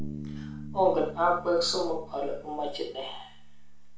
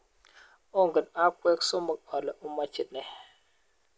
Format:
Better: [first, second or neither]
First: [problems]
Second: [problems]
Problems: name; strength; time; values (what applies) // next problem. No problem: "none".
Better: second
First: background sound (Bass guitar); 13 dB below the speech // room echo; dies away in 0.4 s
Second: none